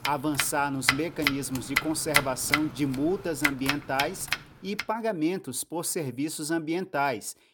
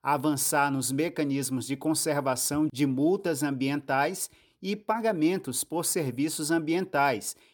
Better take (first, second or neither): second